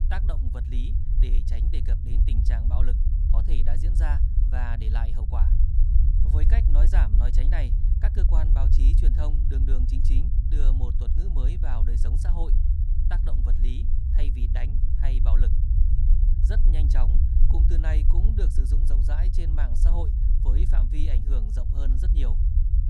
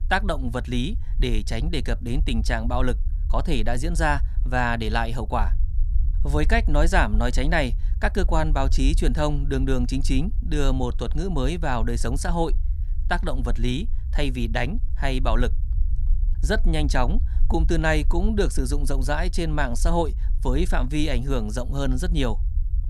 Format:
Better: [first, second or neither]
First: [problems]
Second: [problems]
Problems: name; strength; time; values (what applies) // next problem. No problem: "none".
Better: second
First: low rumble; loud; throughout; 2 dB below the speech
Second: low rumble; faint; throughout; 20 dB below the speech